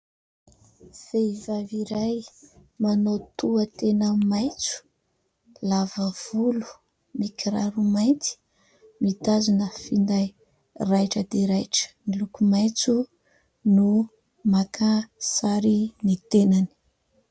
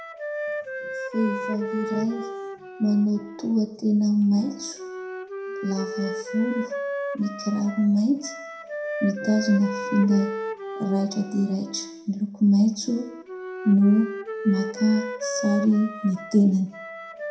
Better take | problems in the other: first | background sound (Wind instrument, woodwind instrument); 9 dB below the speech // room echo; dies away in 0.6 s

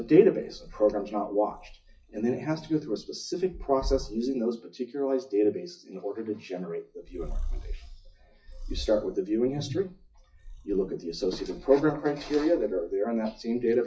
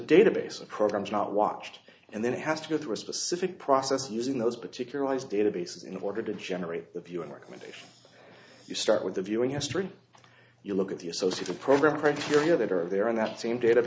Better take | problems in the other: second | noise reduction (classical method WPE with log-MMSE)

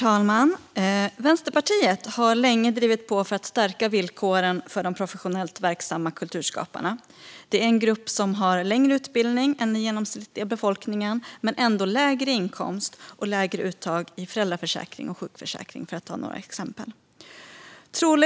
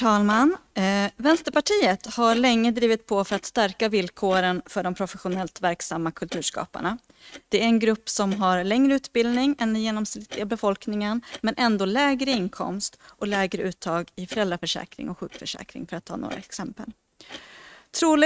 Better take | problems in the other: first | noise reduction (neural mask model RNNoise)

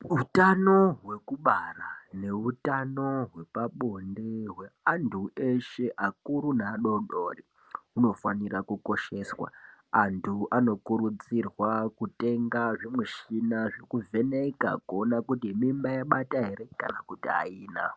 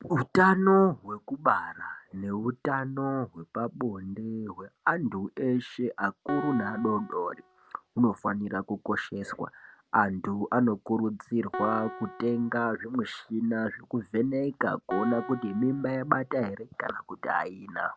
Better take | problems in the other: first | background sound (Piano); 13 dB below the speech

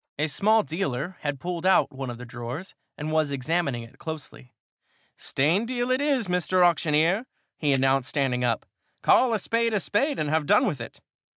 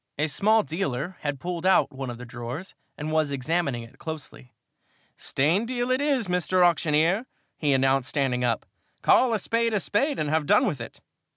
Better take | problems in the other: second | noise reduction (neural mask model DeepFilterNet 3)

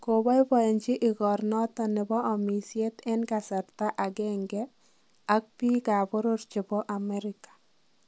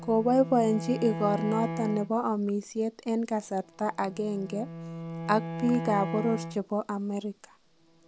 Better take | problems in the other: first | background sound (Bowed string instrument); 9 dB below the speech

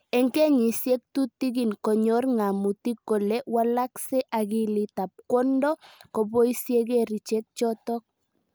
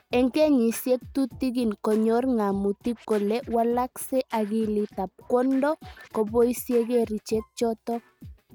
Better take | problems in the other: first | noise reduction (neural mask model RNNoise)

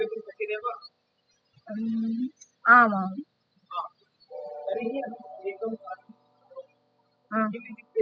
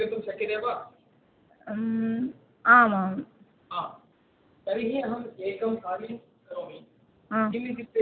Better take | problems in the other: second | noise reduction (classical method spectral subtraction)

